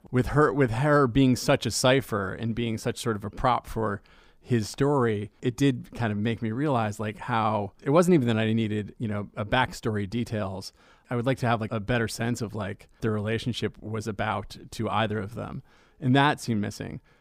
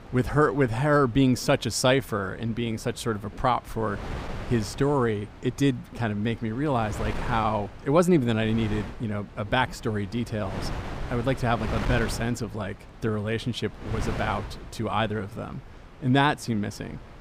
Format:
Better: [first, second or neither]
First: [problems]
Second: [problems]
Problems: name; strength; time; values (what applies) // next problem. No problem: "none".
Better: first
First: none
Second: wind noise on the microphone; occasional gusts; 15 dB below the speech